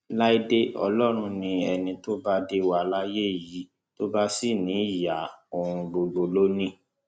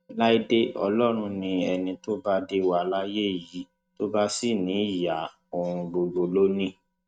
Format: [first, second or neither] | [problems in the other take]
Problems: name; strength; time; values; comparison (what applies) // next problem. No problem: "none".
first | noise reduction (neural mask model RNNoise)